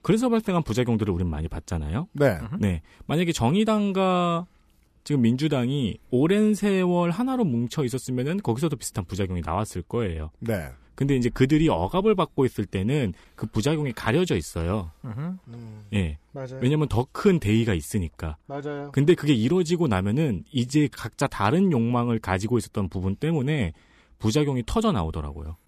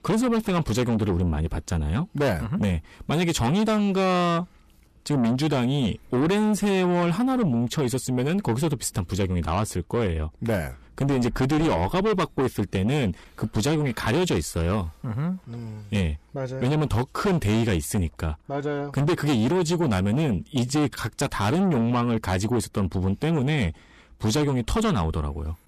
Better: first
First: none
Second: distortion; heavy; 7 dB below the speech

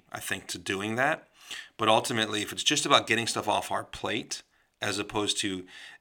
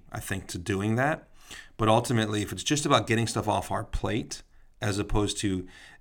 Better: second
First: thin; somewhat; fading below 900 Hz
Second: none

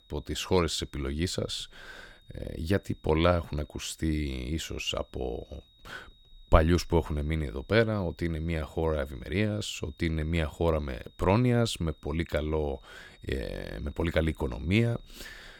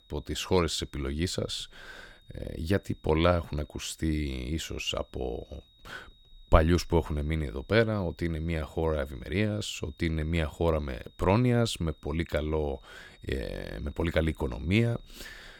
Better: neither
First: high-pitched whine; faint; throughout; 3.5 kHz, 30 dB below the speech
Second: high-pitched whine; faint; throughout; 3.5 kHz, 30 dB below the speech

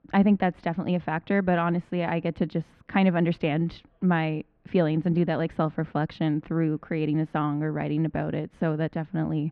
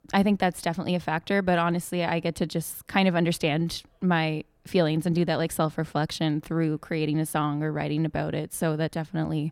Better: second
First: muffled; very; fading above 2.5 kHz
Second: none

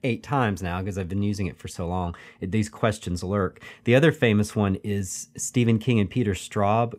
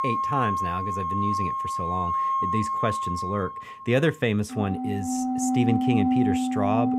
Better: first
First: none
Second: background music; very loud; throughout; 2 dB above the speech

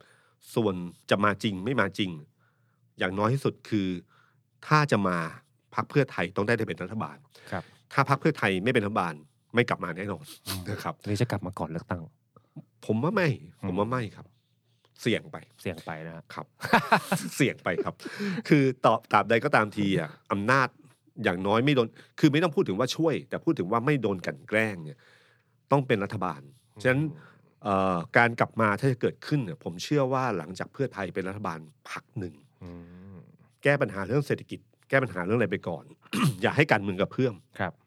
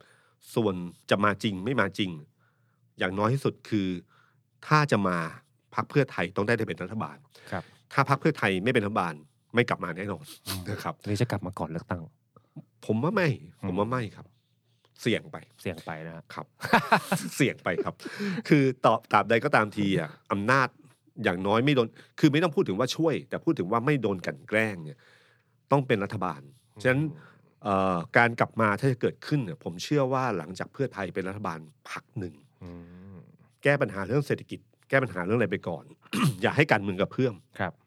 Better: neither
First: none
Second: none

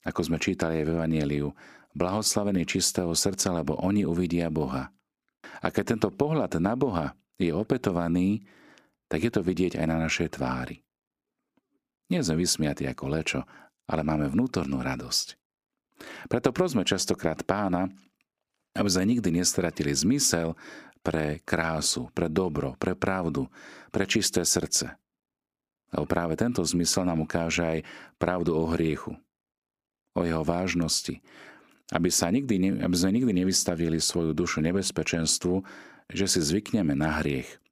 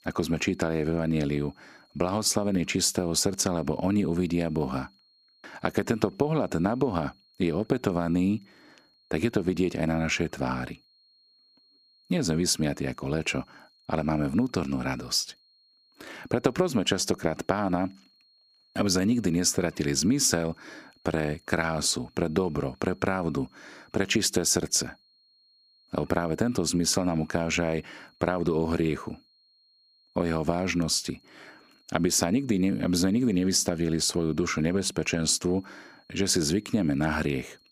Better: first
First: none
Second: high-pitched whine; faint; throughout; 4.5 kHz, 35 dB below the speech

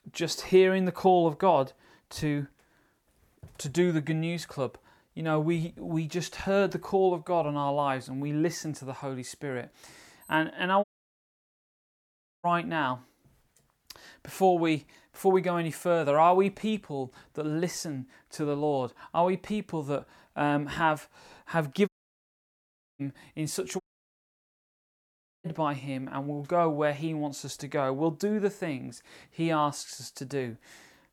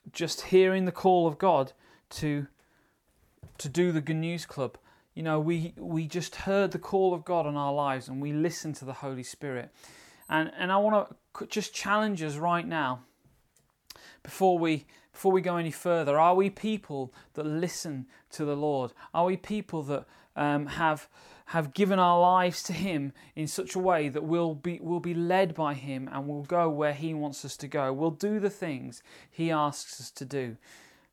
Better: second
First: audio cutting out; at 11 s for 1.5 s, at 22 s for 1 s and at 24 s for 1.5 s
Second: none

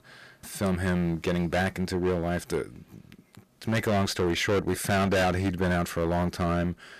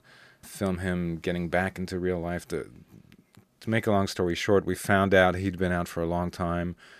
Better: second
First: distortion; heavy; 12% of the sound clipped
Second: none

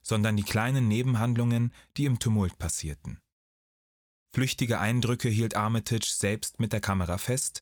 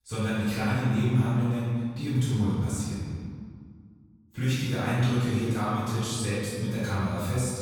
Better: first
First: none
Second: off-mic speech; far // room echo; strong; dies away in 1.9 s

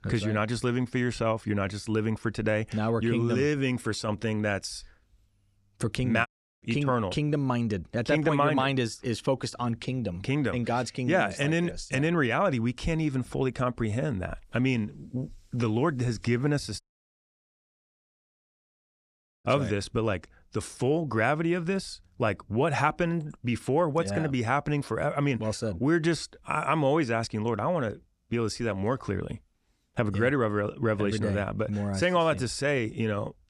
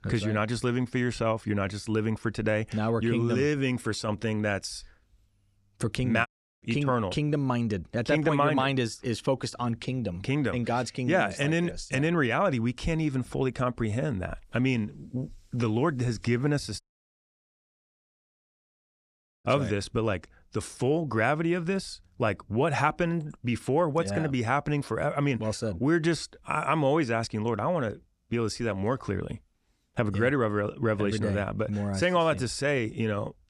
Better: neither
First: audio cutting out; at 6.5 s and at 17 s for 2.5 s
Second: audio cutting out; at 6.5 s and at 17 s for 2.5 s

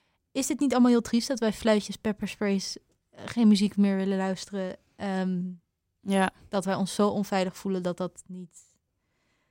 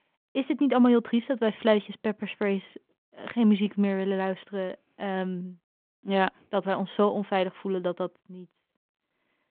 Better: first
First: none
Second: phone-call audio

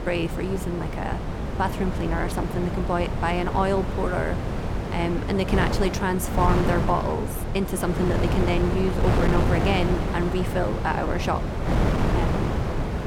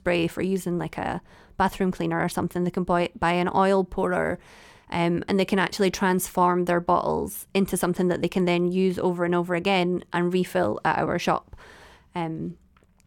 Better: second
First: wind noise on the microphone; heavy; 3 dB below the speech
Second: none

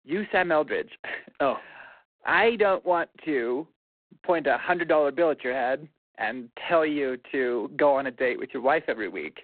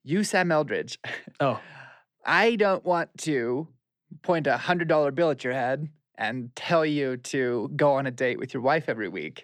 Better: second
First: phone-call audio; poor line; nothing above 4 kHz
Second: none

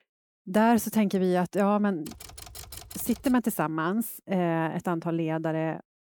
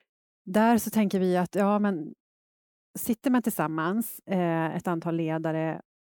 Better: second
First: keyboard typing; faint; from 2 to 3.5 s; peak 15 dB below the speech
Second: none

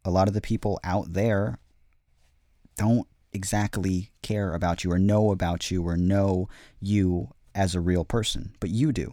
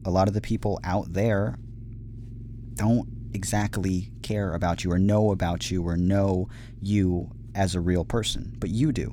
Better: first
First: none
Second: low rumble; faint; throughout; 25 dB below the speech

